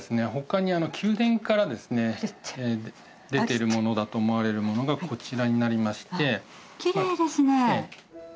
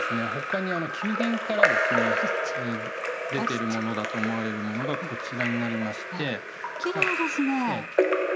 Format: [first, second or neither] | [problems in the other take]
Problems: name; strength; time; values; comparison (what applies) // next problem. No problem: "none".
first | background sound (Drip / Trickle, dribble / Splash, splatter); 2 dB above the speech